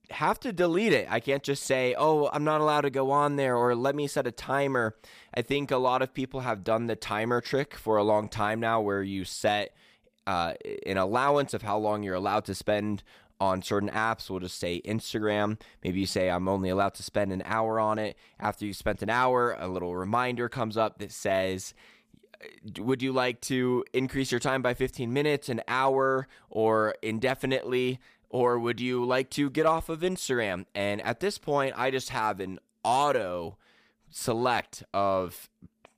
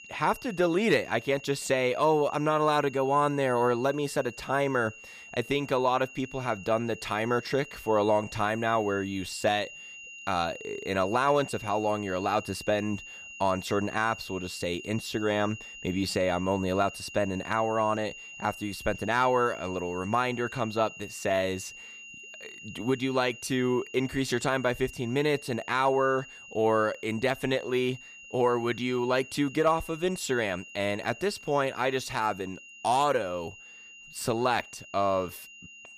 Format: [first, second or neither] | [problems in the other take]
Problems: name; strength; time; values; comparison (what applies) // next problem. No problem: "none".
first | high-pitched whine; noticeable; throughout; 3 kHz, 15 dB below the speech